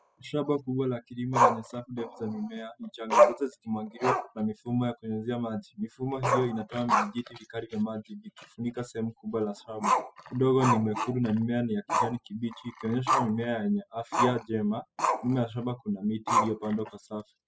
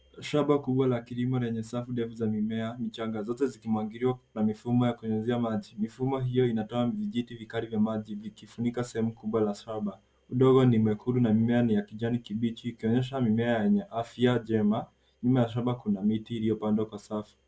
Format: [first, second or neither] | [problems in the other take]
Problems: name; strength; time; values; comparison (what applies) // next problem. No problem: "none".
second | noise reduction (classical method spectral subtraction)